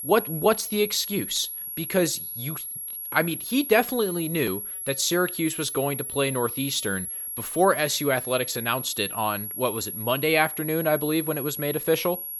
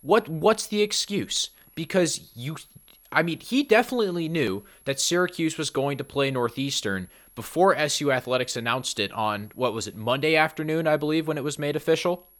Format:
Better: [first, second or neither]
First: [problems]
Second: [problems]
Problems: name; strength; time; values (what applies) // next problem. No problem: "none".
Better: second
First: high-pitched whine; loud; throughout; 11.5 kHz, 6 dB below the speech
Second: high-pitched whine; faint; throughout; 11.5 kHz, 30 dB below the speech